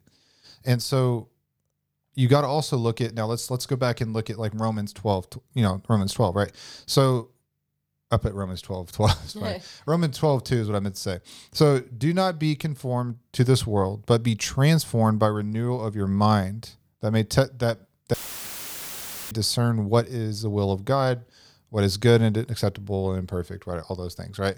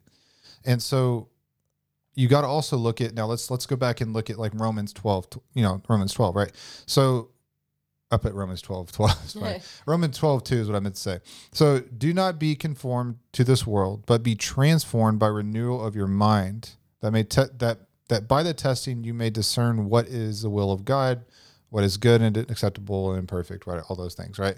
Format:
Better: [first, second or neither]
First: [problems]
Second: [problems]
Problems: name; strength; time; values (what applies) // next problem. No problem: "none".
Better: second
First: audio cutting out; filled with static; at 18 s for 1 s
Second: none